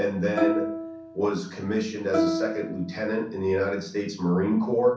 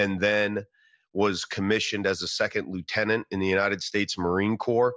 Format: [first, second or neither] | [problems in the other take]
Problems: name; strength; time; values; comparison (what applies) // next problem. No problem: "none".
second | background sound (Plucked string instrument); 4 dB below the speech // room echo; dies away in 0.6 s